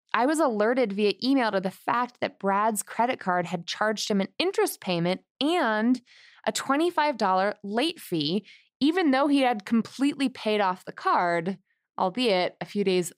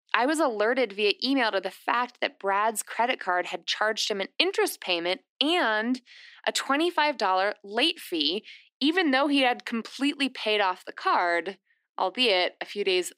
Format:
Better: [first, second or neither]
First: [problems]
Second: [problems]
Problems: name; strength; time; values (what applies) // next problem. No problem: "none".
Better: first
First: none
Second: thin; very slightly; fading below 250 Hz